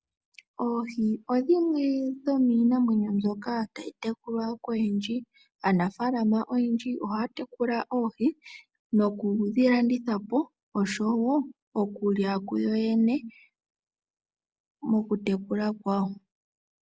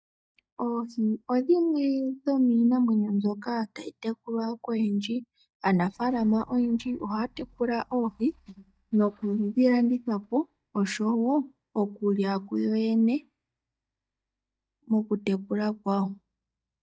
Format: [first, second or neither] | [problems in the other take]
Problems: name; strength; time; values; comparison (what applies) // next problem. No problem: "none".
first | noise reduction (neural mask model DeepFilterNet 3)